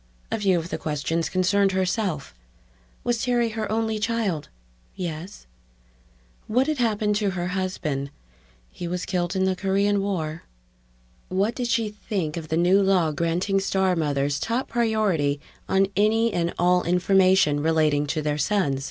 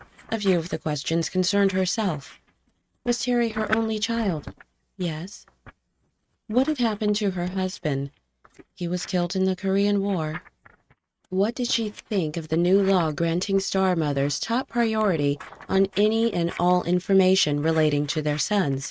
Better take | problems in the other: first | noise reduction (neural mask model RNNoise)

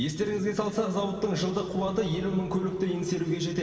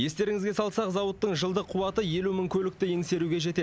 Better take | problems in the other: second | room echo; dies away in 2.4 s

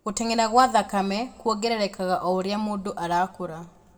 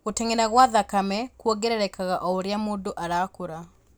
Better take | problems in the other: second | room echo; dies away in 1.6 s

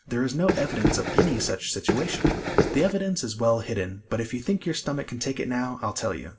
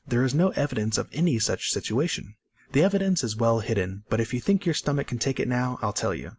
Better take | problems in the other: second | background sound (Run); 3 dB above the speech // room echo; dies away in 0.3 s

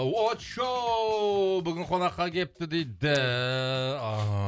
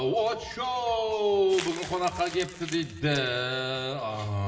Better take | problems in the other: first | background sound (Crumpling, crinkling); 15 dB below the speech // room echo; dies away in 1.9 s

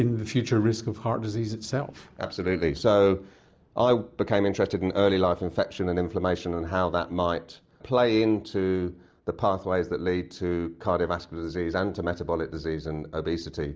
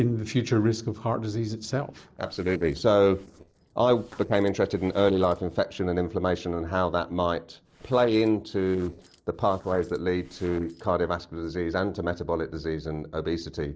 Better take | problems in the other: first | noise reduction (neural separator model SepFormer DNS4)

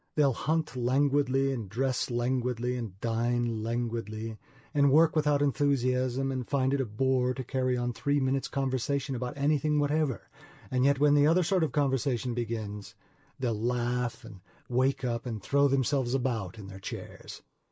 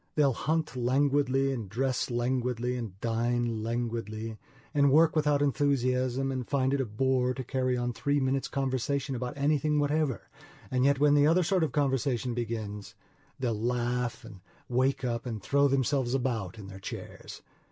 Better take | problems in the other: second | noise reduction (neural mask model Resemble Enhance denoiser)

